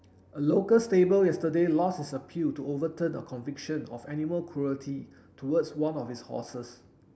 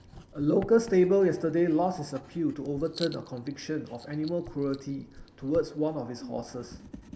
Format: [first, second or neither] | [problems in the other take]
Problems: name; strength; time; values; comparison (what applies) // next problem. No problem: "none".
first | background sound (Writing); 19 dB below the speech